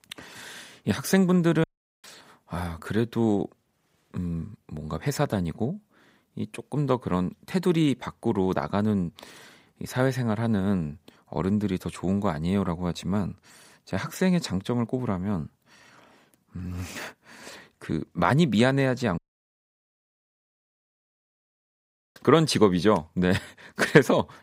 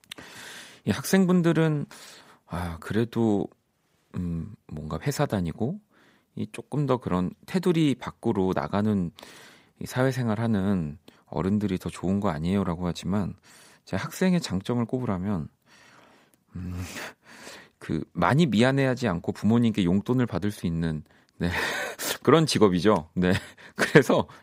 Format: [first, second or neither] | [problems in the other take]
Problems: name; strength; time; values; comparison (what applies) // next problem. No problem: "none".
second | audio cutting out; at 1.5 s and at 19 s for 3 s